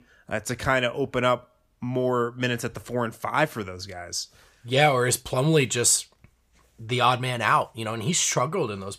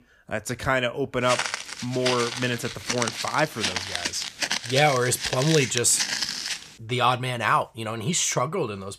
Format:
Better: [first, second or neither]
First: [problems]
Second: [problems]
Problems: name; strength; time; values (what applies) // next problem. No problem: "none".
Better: first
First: none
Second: footsteps; noticeable; from 1.5 to 6.5 s; peak level with the speech